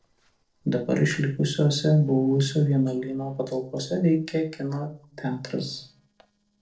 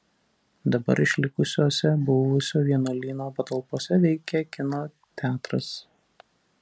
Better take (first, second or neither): second